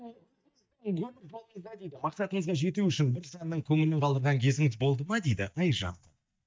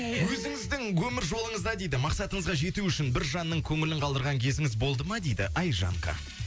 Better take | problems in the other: second | noise reduction (neural mask model DeepFilterNet 3)

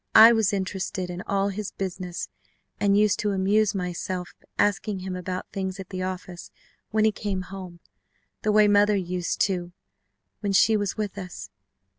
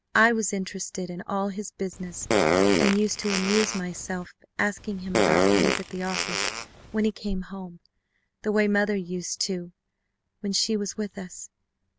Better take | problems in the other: first | background sound (Fart); 3 dB above the speech

